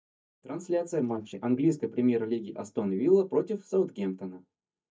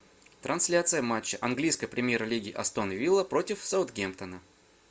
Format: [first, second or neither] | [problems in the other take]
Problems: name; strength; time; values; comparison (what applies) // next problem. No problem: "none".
second | noise reduction (neural mask model DeepFilterNet 3)